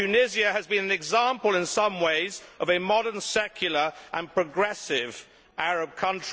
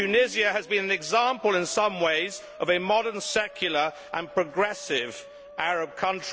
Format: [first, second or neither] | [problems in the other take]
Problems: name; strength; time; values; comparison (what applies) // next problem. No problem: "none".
first | background sound (Musical instrument); 19 dB below the speech